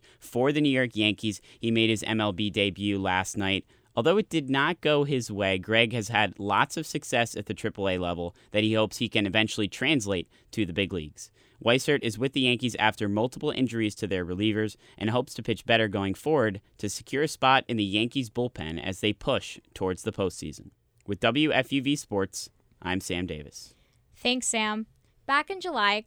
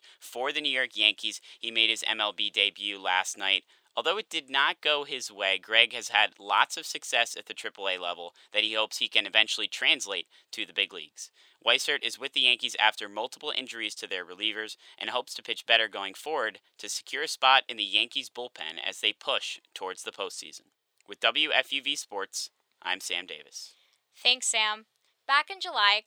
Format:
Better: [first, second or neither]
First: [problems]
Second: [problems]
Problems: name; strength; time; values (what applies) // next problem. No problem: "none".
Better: first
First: none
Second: thin; very; fading below 800 Hz